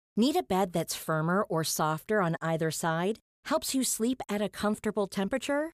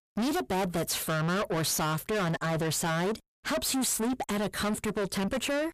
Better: first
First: none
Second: distortion; heavy; 5 dB below the speech

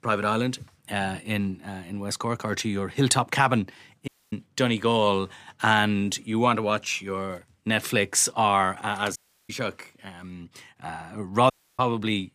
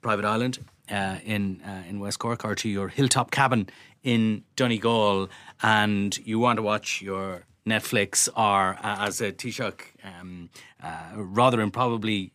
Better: second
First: audio cutting out; at 4 s, at 9 s and at 12 s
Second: none

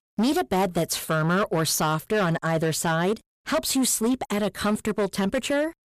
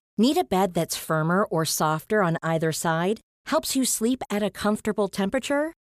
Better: second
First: distortion; slight; 13% of the sound clipped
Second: none

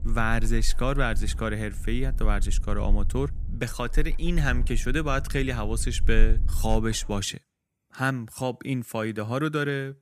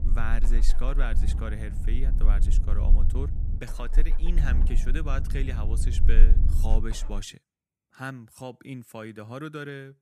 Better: first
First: low rumble; faint; until 7 s; 20 dB below the speech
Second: low rumble; loud; until 7 s; 8 dB below the speech

